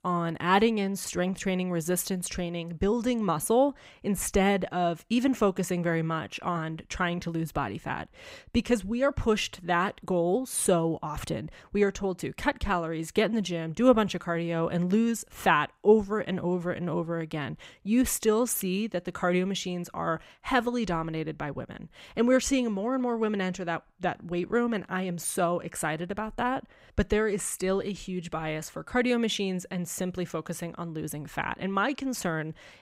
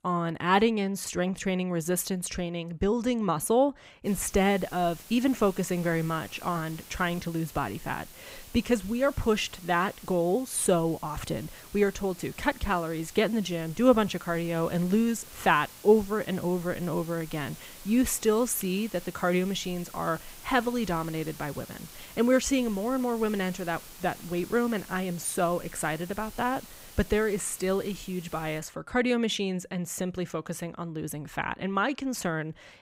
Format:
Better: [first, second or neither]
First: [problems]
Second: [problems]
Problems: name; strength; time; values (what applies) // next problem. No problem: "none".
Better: first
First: none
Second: hiss; noticeable; from 4 to 29 s; 20 dB below the speech